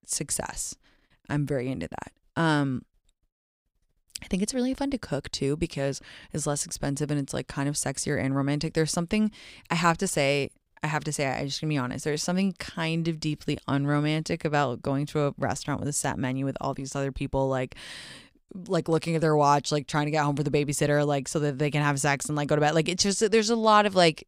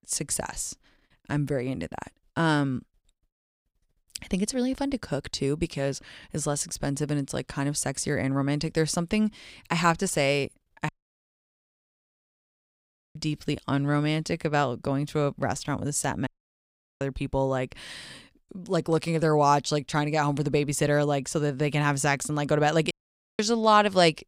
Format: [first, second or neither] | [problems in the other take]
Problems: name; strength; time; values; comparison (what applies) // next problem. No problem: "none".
first | audio cutting out; at 11 s for 2.5 s, at 16 s for 0.5 s and at 23 s